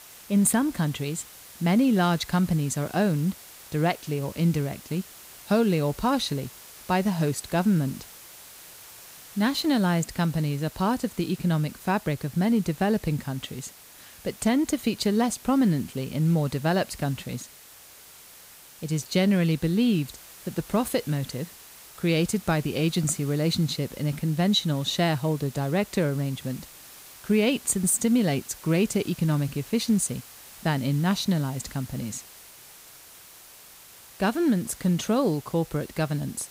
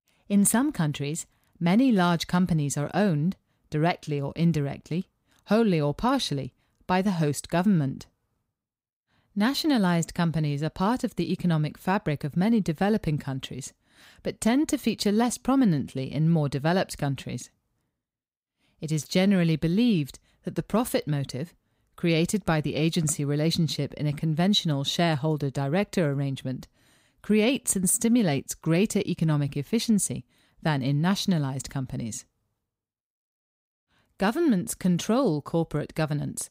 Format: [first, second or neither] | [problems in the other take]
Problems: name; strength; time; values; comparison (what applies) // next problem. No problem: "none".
second | hiss; noticeable; throughout; 20 dB below the speech